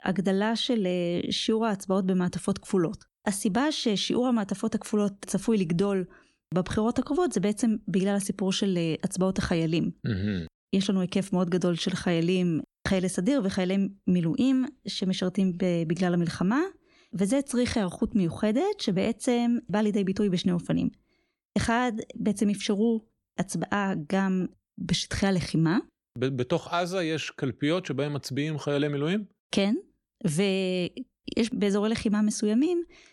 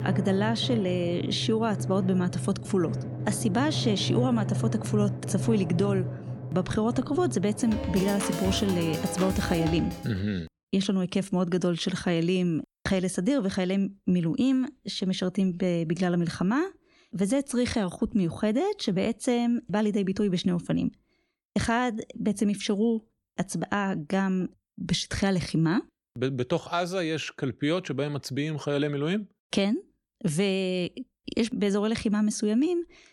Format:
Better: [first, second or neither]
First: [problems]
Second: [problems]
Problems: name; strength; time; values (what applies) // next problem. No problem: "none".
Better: first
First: none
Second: background music; loud; until 10 s; 5 dB below the speech